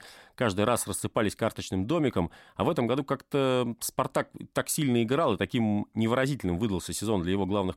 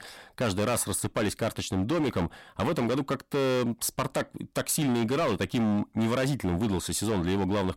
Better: first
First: none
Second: distortion; heavy; 17% of the sound clipped

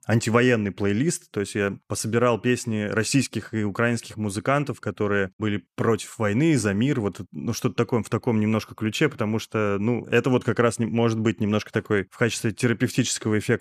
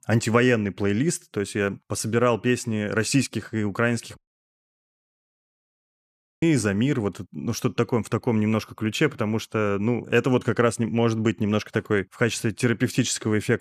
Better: first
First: none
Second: audio cutting out; at 4 s for 2.5 s

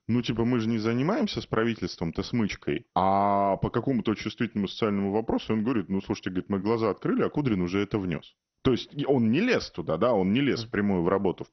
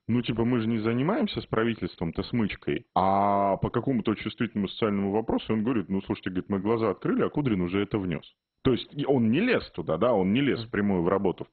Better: first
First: garbled, watery; slightly; nothing above 6 kHz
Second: garbled, watery; badly; nothing above 4 kHz

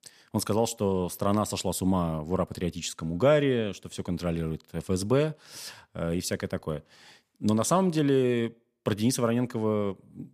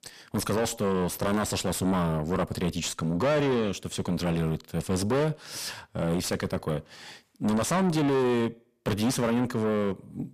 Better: first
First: none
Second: distortion; heavy; 6 dB below the speech

